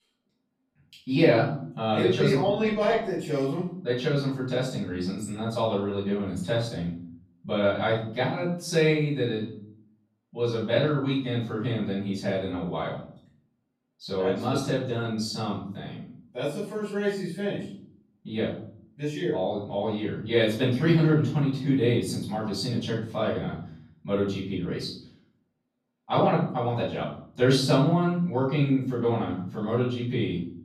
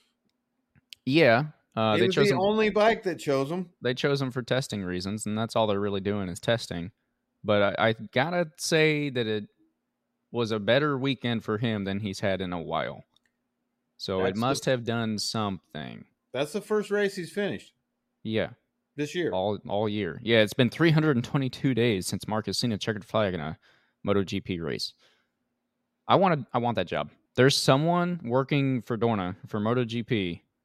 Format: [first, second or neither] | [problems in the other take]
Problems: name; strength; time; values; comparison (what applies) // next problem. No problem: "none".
second | off-mic speech; far // room echo; noticeable; dies away in 0.6 s